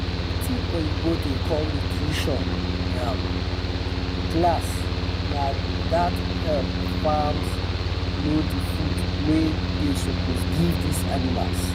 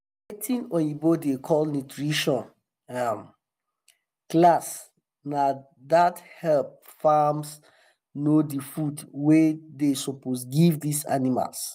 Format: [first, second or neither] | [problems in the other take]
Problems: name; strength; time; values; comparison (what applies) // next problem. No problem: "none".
second | background sound (Mechanical fan); 4 dB above the speech